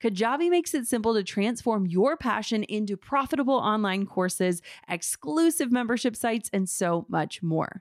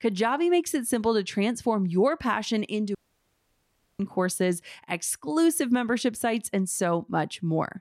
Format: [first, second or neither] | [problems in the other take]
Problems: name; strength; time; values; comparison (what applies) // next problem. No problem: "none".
first | audio cutting out; at 3 s for 1 s